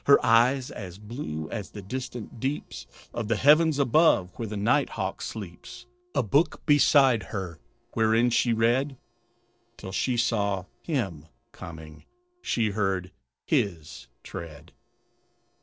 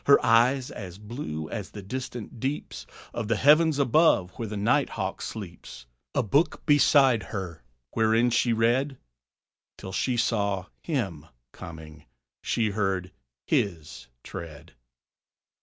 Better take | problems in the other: second | noise reduction (neural separator model SepFormer DNS4)

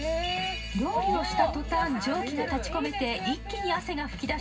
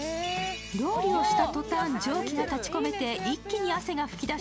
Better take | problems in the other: second | room echo; dies away in 0.4 s

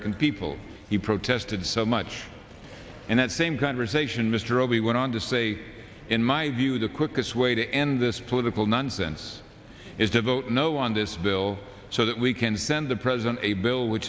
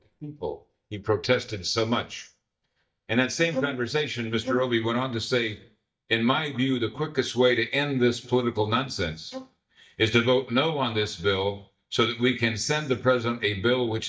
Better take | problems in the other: first | noise reduction (neural mask model DeepFilterNet 3)

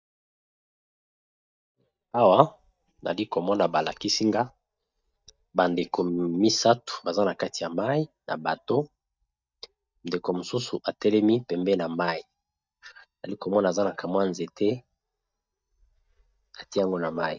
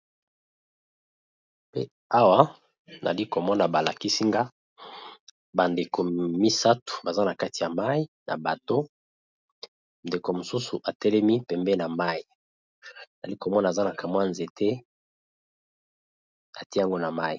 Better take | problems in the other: second | noise reduction (neural mask model DeepFilterNet 3)

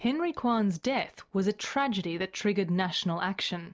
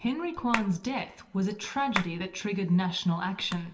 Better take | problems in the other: first | background sound (Hands); 11 dB below the speech // room echo; dies away in 0.8 s

